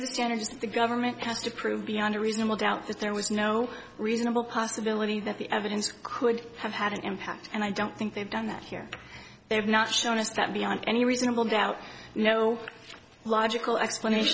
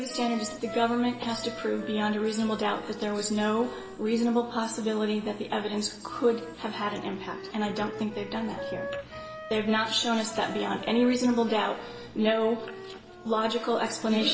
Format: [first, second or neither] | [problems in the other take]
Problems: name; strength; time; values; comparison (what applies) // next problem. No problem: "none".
first | background sound (Wind instrument, woodwind instrument); 14 dB below the speech // room echo; dies away in 2.9 s